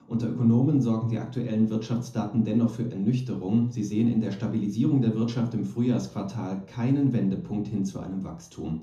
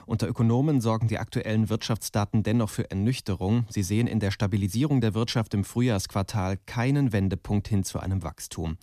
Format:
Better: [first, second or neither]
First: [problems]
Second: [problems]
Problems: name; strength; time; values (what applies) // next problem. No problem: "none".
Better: second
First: room echo; noticeable; dies away in 0.5 s // off-mic speech; far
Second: none